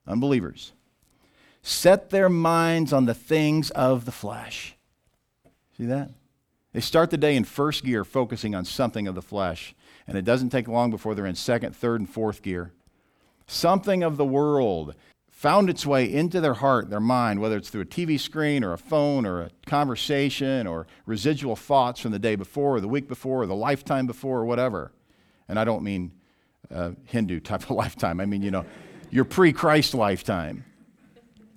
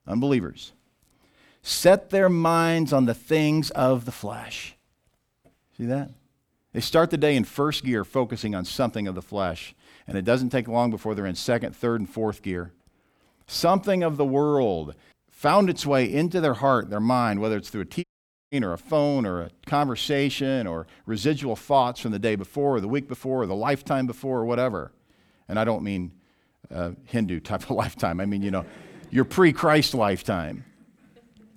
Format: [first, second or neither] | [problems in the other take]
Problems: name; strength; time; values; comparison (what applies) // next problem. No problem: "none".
first | audio cutting out; at 18 s